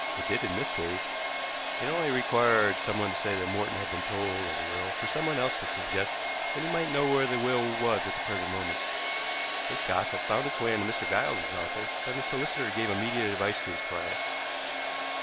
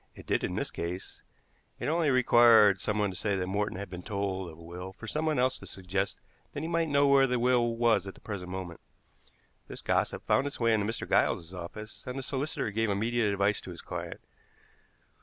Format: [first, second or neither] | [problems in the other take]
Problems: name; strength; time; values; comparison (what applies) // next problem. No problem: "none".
second | background sound (Domestic sounds, home sounds); as loud as the speech